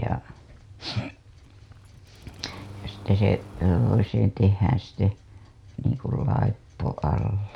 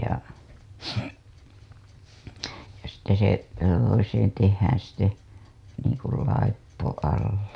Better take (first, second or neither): second